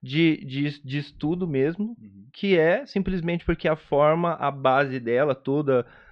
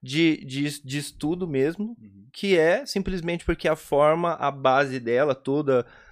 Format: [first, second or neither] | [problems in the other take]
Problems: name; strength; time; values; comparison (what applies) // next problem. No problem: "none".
second | muffled; slightly; fading above 4 kHz